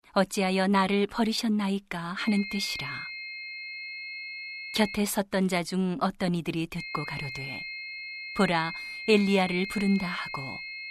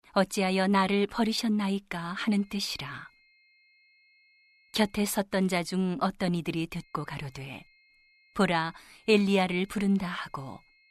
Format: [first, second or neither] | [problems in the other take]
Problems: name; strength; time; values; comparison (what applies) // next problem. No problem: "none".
second | high-pitched whine; loud; from 2 to 5 s and from 7 s on; 2 kHz, 8 dB below the speech; faint in the second